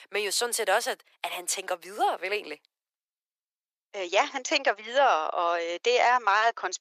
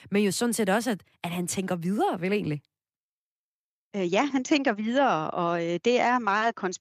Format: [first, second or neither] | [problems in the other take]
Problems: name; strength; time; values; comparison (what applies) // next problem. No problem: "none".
second | thin; very; fading below 500 Hz